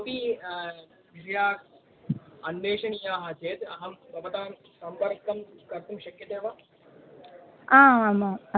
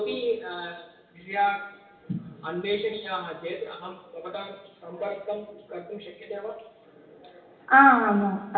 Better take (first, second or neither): first